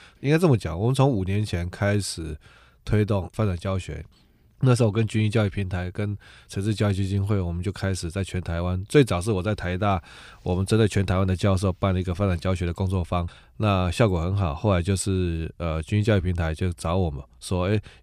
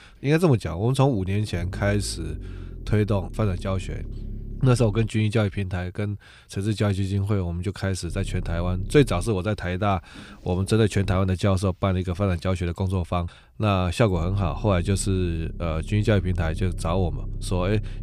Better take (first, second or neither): first